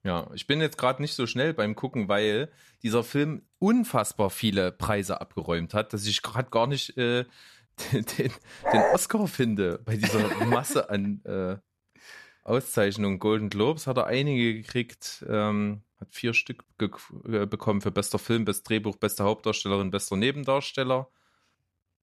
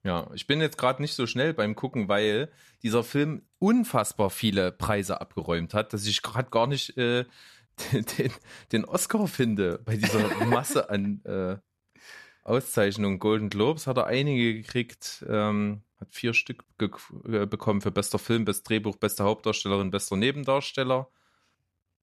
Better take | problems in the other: second | dog barking; loud; at 8.5 s; peak 4 dB above the speech

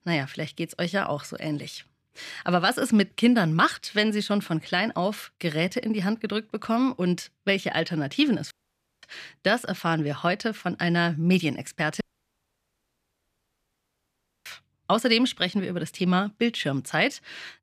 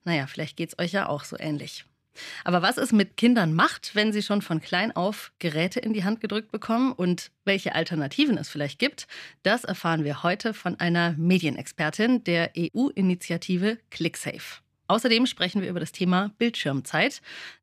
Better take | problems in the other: second | audio cutting out; at 8.5 s for 0.5 s and at 12 s for 2.5 s

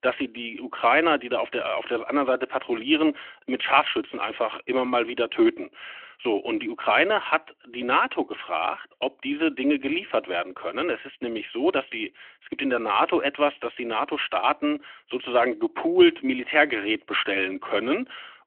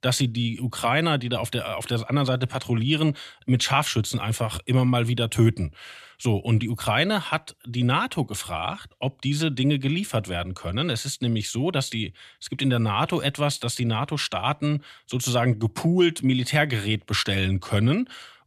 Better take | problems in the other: second | phone-call audio

